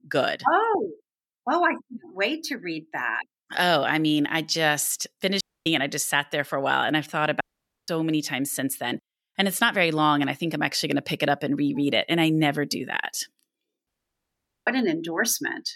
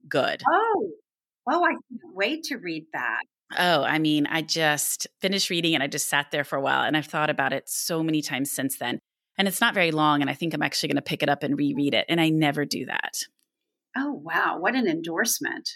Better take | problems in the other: second | audio cutting out; at 5.5 s, at 7.5 s and at 14 s for 1 s

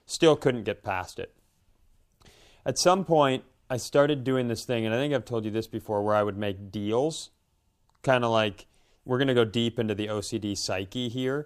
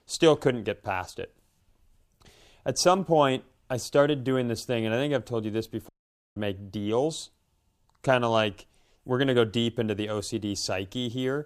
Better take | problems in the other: first | audio cutting out; at 6 s

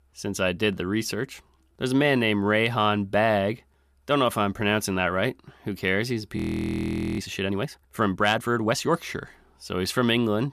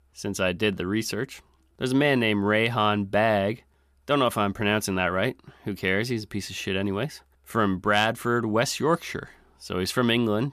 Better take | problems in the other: second | audio freezing; at 6.5 s for 1 s

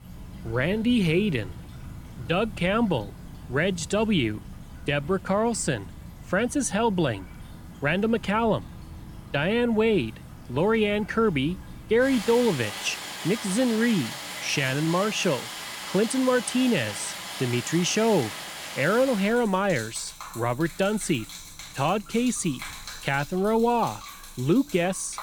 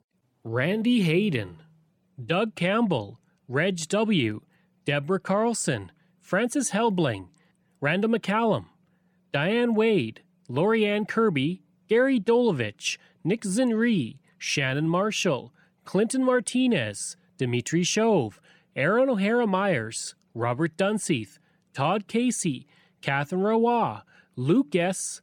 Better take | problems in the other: second | rain or running water; noticeable; throughout; 15 dB below the speech

